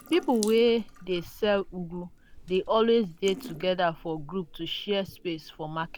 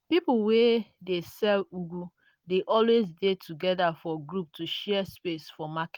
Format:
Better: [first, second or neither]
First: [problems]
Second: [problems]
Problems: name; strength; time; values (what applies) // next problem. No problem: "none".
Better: second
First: background sound (Drip / Sink (filling or washing) / Water tap, faucet); 17 dB below the speech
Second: none